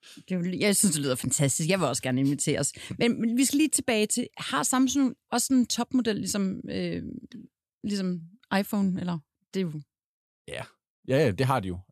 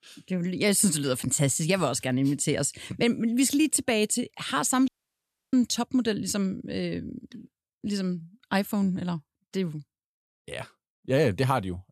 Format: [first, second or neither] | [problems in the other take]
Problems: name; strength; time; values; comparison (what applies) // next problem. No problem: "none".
first | audio cutting out; at 5 s for 0.5 s